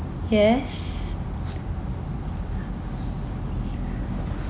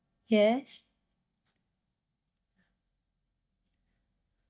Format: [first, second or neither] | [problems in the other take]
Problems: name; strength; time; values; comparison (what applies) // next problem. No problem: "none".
first | noise reduction (neural mask model DeepFilterNet 3)